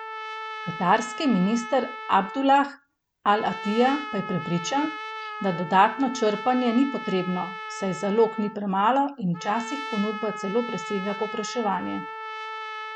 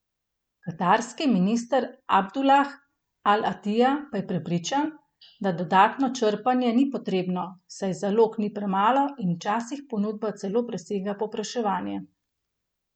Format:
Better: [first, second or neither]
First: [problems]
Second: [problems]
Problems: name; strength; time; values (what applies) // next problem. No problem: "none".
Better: second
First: background sound (Trumpet); 10 dB below the speech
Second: none